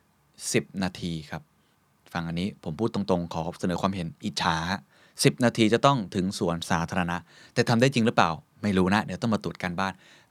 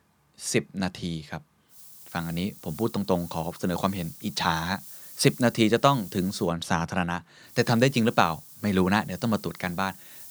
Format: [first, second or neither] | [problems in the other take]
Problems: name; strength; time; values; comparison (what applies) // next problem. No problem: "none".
first | hiss; noticeable; from 2 to 6.5 s and from 7.5 s on; 15 dB below the speech